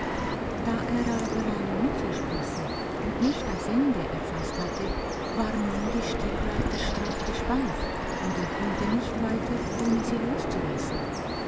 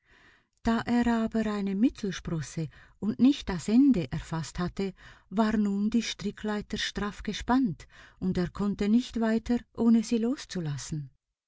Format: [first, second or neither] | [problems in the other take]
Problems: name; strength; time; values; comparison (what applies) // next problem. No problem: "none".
second | background sound (Bird vocalization, bird call, bird song); 2 dB above the speech